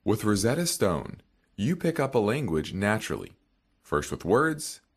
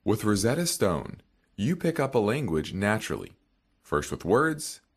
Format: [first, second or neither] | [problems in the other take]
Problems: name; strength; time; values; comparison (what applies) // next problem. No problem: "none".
neither | none